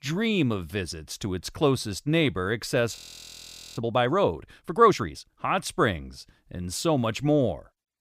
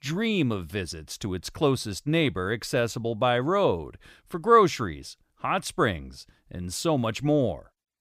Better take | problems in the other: second | audio freezing; at 3 s for 1 s

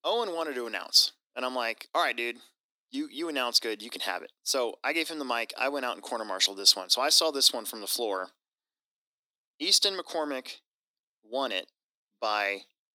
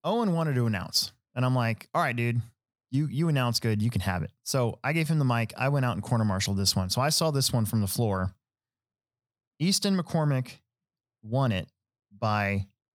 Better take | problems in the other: second | thin; very; fading below 300 Hz

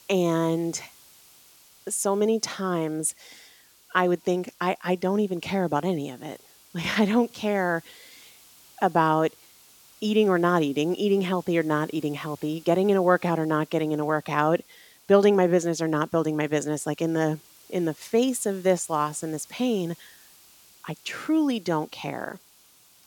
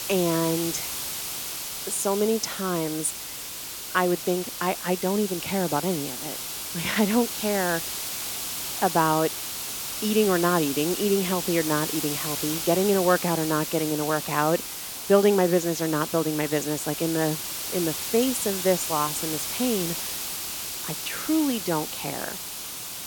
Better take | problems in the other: first | hiss; loud; throughout; 4 dB below the speech; faint in the first

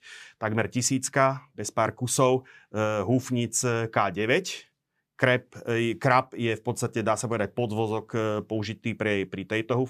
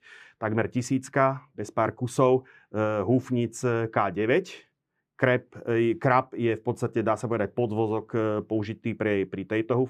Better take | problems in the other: first | muffled; slightly; fading above 3 kHz

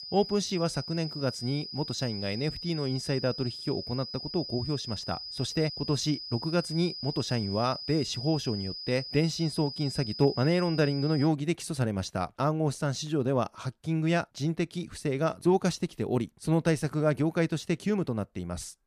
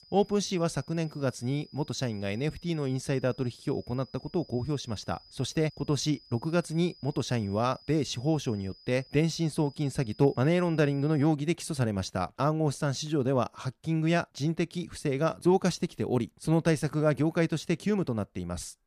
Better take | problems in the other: second | high-pitched whine; loud; until 11 s; 5 kHz, 8 dB below the speech; faint in the second

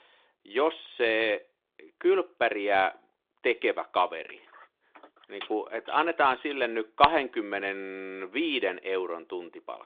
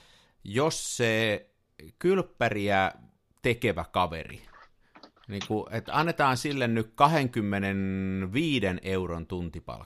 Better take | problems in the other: second | phone-call audio; nothing above 4 kHz

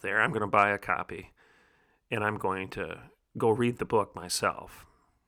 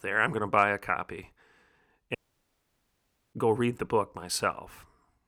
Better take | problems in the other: first | audio cutting out; at 2 s for 1 s

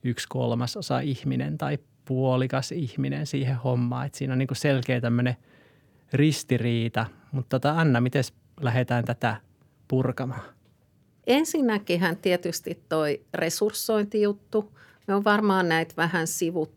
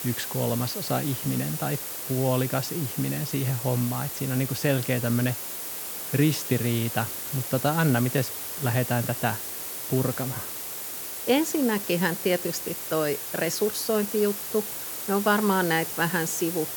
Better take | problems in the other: first | hiss; loud; throughout; 5 dB below the speech

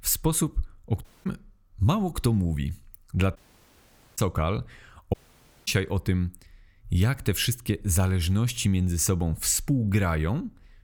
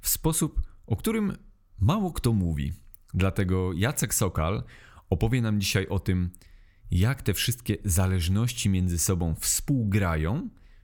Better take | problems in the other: second | audio cutting out; at 1 s, at 3.5 s for 1 s and at 5 s for 0.5 s

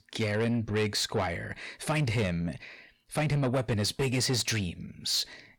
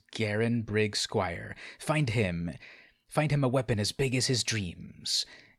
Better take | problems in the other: second | distortion; slight; 10 dB below the speech

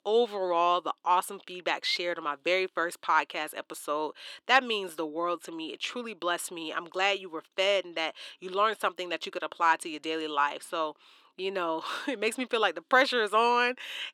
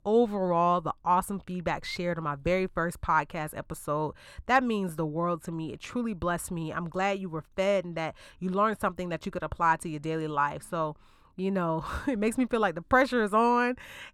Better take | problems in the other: second | thin; somewhat; fading below 350 Hz

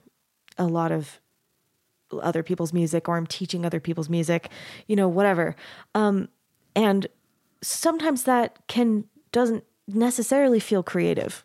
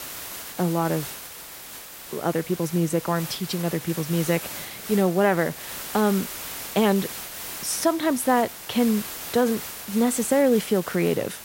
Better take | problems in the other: first | hiss; loud; throughout; 10 dB below the speech

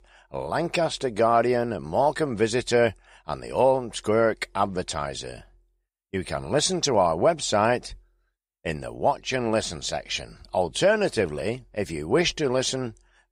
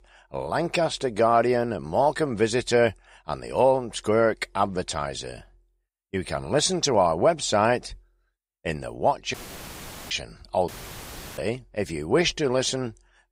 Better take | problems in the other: first | audio cutting out; filled with static; at 9.5 s for 1 s and at 11 s for 0.5 s

